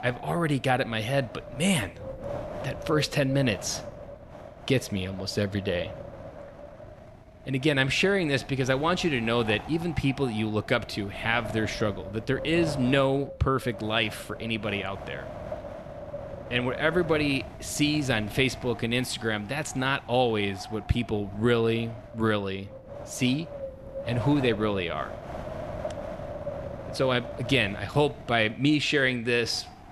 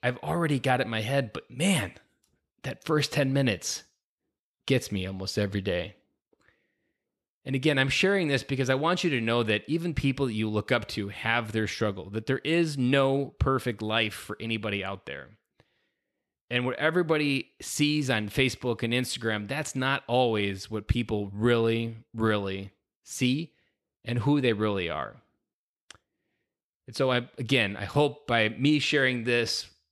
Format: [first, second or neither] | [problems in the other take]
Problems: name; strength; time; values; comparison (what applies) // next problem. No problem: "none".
second | wind noise on the microphone; occasional gusts; 10 dB below the speech